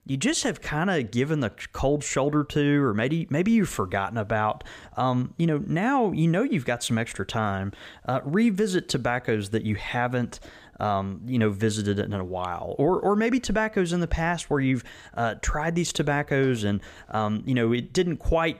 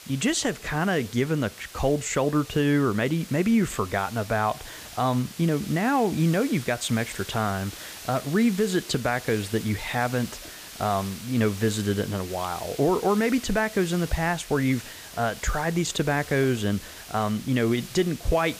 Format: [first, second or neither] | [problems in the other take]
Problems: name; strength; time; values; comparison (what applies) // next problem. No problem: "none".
first | hiss; noticeable; throughout; 15 dB below the speech